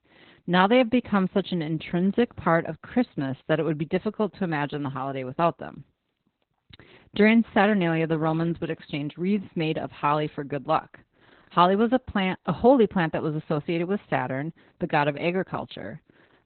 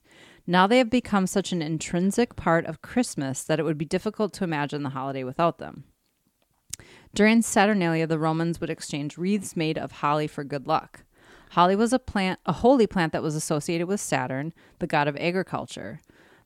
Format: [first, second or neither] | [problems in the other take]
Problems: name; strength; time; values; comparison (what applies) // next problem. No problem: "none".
second | garbled, watery; badly; nothing above 4 kHz